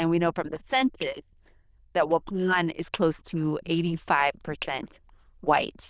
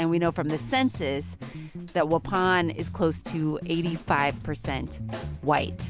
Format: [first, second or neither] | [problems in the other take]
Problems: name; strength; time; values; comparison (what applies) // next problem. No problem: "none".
second | noise reduction (neural diffusion model UNIVERSE++)